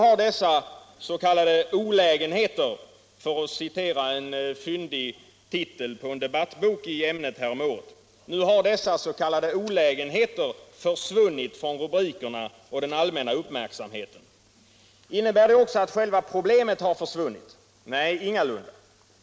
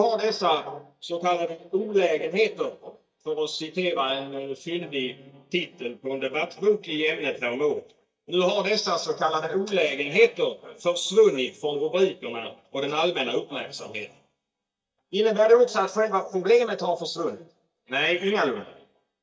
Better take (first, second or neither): first